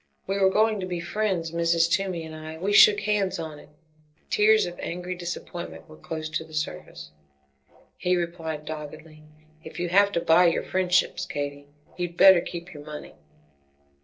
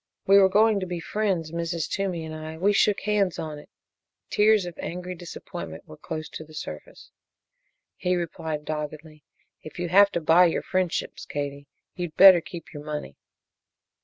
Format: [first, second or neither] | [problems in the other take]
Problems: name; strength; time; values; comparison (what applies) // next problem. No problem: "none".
second | noise reduction (neural separator model SepFormer DNS4)